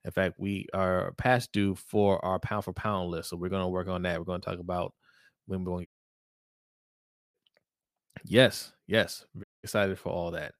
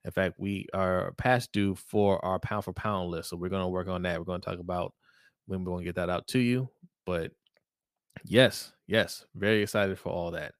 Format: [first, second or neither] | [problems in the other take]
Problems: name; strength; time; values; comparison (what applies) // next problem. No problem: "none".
second | audio cutting out; at 6 s for 1.5 s and at 9.5 s